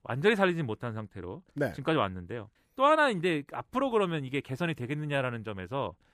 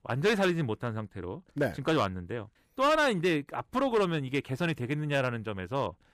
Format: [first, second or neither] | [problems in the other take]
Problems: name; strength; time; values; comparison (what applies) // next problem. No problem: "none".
first | distortion; slight; 4% of the sound clipped